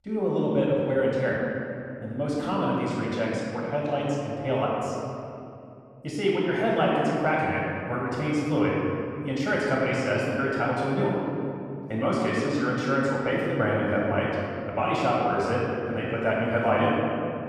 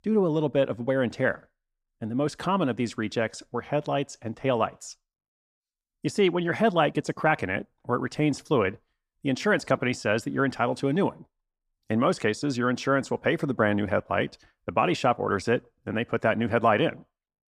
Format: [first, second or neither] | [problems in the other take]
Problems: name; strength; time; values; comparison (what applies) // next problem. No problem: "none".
second | off-mic speech; far // room echo; strong; dies away in 2.7 s